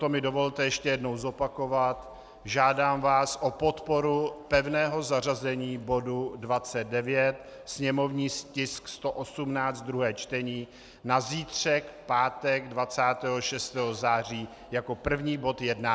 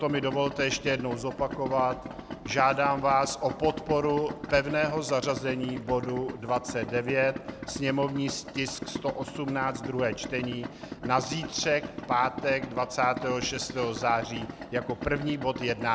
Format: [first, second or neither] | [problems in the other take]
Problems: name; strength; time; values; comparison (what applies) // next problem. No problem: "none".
first | background sound (Idling); 10 dB below the speech